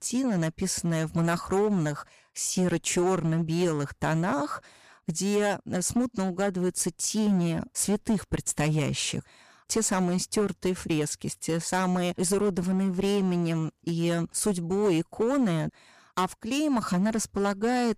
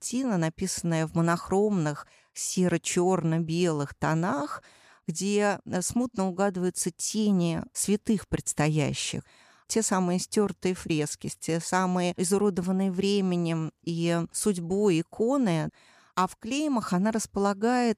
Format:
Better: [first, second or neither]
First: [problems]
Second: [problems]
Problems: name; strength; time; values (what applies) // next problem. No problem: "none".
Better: second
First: distortion; slight; 8% of the sound clipped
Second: none